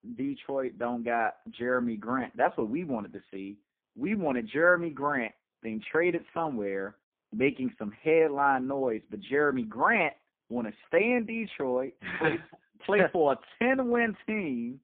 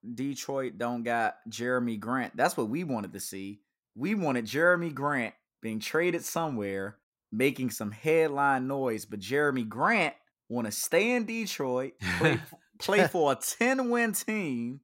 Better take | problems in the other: second | phone-call audio; poor line

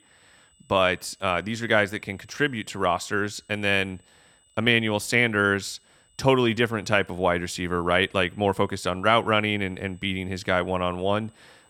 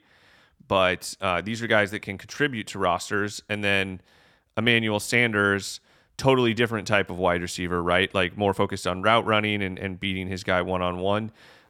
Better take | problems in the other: second | high-pitched whine; faint; throughout; 8 kHz, 35 dB below the speech

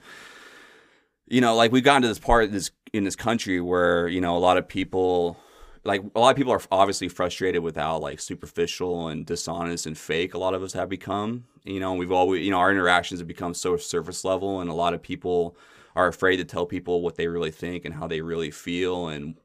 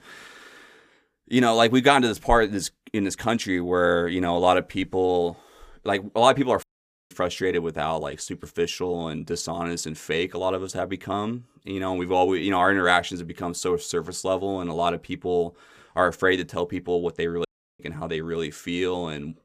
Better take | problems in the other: first | audio cutting out; at 6.5 s and at 17 s

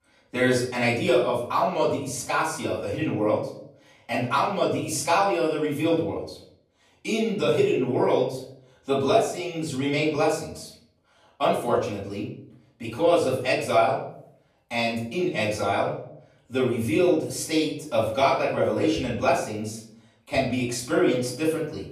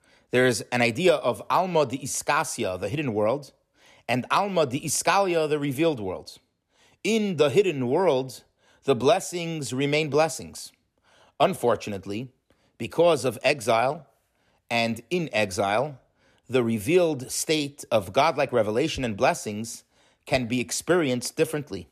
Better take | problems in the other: second | off-mic speech; far // room echo; noticeable; dies away in 0.5 s

